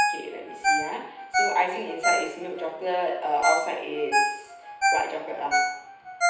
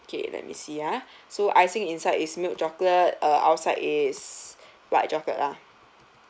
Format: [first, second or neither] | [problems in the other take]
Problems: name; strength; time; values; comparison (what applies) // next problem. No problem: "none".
second | background sound (Ringtone); 3 dB above the speech // room echo; dies away in 0.9 s